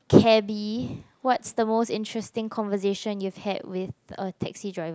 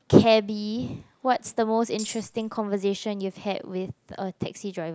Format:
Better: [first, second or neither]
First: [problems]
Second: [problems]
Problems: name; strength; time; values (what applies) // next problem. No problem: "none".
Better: first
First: none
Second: background sound (Tambourine); 15 dB below the speech